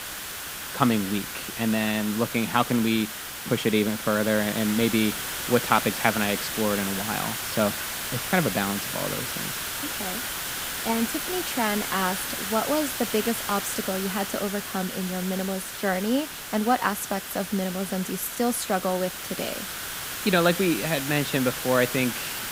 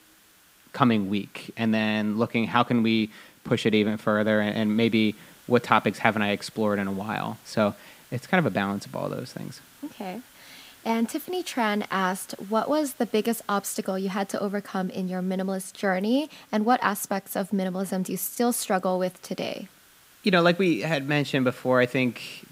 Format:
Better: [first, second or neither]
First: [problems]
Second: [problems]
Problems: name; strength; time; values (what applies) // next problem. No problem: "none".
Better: second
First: hiss; loud; throughout; 4 dB below the speech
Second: hiss; faint; throughout; 25 dB below the speech